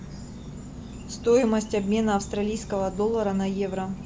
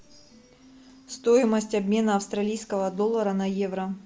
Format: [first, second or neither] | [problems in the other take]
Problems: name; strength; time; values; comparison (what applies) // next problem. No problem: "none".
second | background sound (Insect); 13 dB below the speech